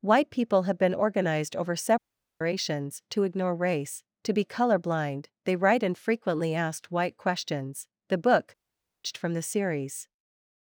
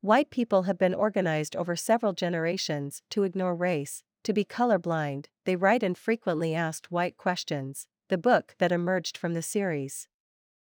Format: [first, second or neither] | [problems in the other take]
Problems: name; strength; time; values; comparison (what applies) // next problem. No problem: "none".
second | audio cutting out; at 2 s and at 8.5 s for 0.5 s